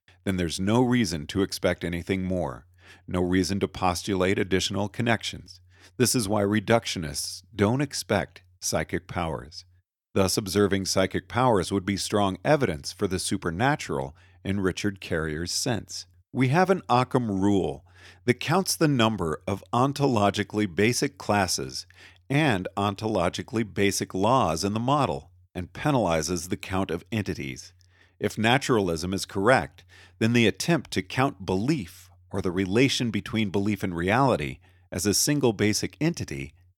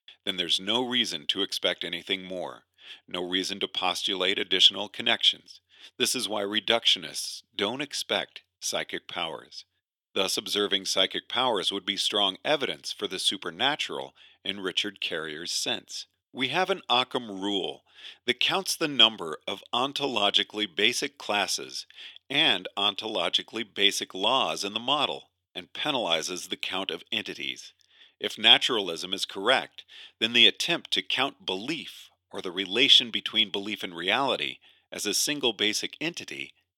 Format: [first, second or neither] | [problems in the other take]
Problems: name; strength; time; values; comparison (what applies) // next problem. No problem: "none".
first | thin; somewhat; fading below 300 Hz